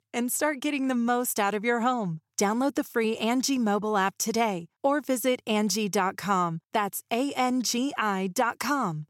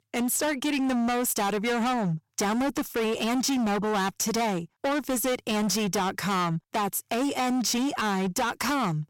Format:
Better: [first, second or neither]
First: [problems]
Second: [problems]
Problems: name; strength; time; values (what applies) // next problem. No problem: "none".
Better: first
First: none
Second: distortion; heavy; 33% of the sound clipped